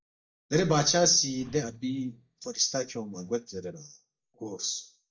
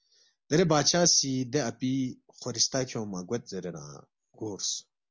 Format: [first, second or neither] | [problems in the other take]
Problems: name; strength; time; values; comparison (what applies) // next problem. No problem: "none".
second | noise reduction (neural mask model DeepFilterNet 3)